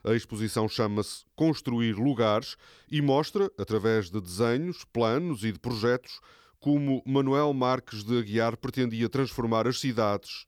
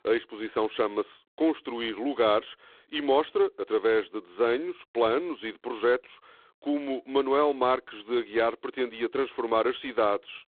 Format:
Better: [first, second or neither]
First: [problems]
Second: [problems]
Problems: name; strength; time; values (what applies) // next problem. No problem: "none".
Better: first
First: none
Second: phone-call audio; poor line